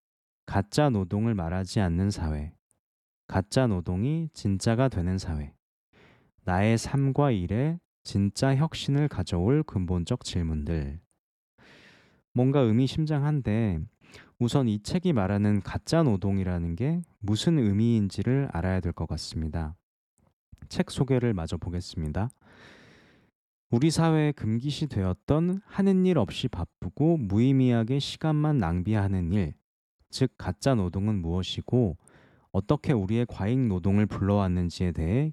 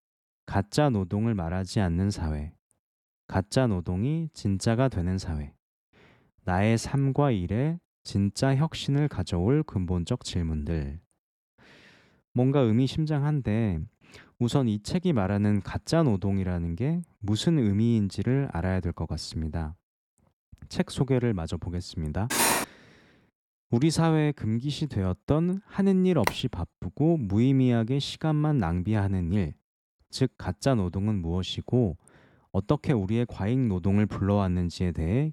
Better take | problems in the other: first | clattering dishes; loud; at 22 s; peak 4 dB above the speech // phone ringing; very faint; at 26 s; peak 5 dB below the speech

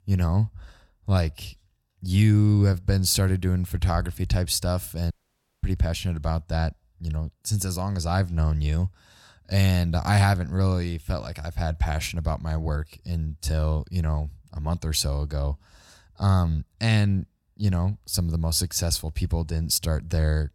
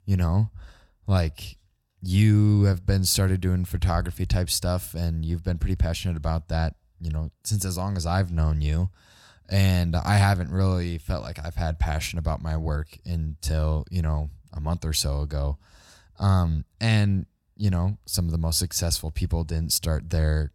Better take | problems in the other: second | audio cutting out; at 5 s for 0.5 s

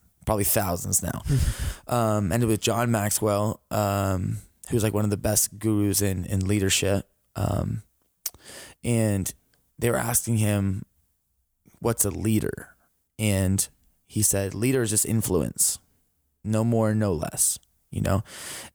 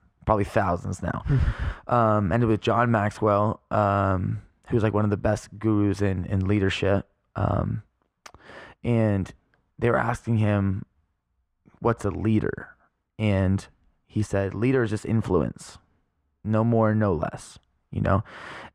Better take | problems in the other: first | muffled; very; fading above 2 kHz

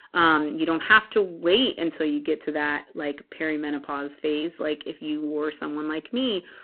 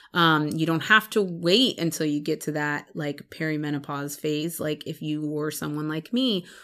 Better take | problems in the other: second | phone-call audio; poor line

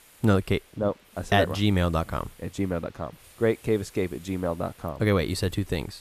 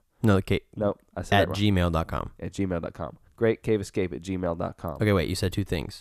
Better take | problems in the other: second | hiss; faint; throughout; 25 dB below the speech

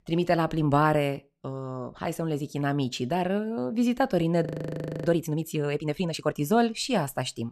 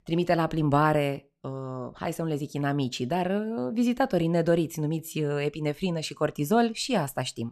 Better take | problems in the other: second | audio freezing; at 4.5 s for 0.5 s

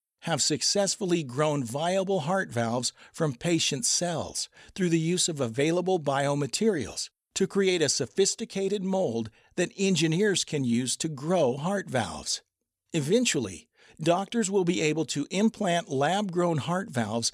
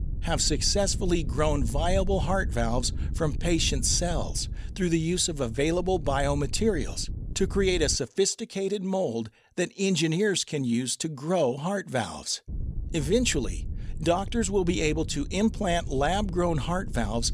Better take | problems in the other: first | wind noise on the microphone; occasional gusts; until 8 s and from 12 s on; 20 dB below the speech

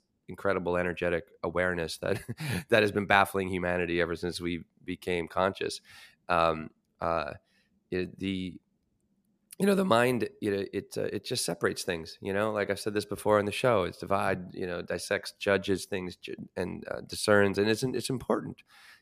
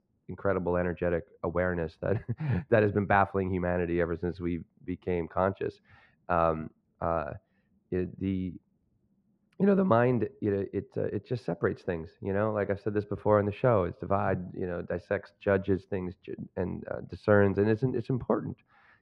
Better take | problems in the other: first | muffled; very; fading above 1.5 kHz

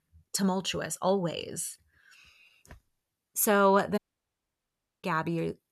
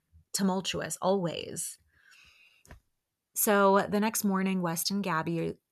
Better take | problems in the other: second | audio cutting out; at 4 s for 1 s

